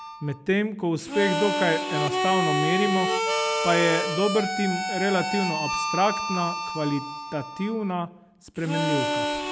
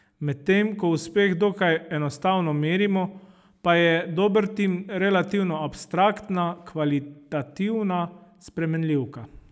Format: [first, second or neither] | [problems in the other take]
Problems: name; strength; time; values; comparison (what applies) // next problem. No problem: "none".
second | background sound (Harmonica); 1 dB below the speech